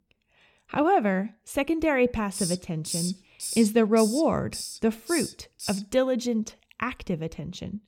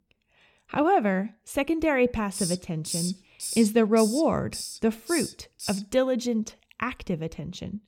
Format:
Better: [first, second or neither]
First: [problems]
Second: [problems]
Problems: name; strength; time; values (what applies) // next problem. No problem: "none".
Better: neither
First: hiss; loud; from 2.5 to 6 s; 8 dB below the speech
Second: hiss; loud; from 2.5 to 6 s; 8 dB below the speech